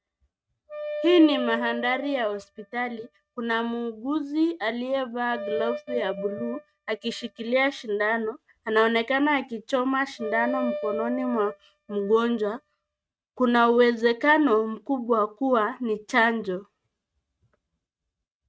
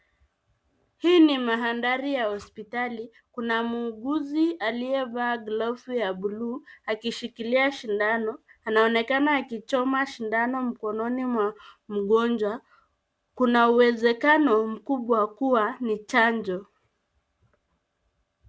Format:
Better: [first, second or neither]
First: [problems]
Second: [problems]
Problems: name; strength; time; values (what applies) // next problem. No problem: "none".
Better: second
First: noise reduction (neural mask model RNNoise)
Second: none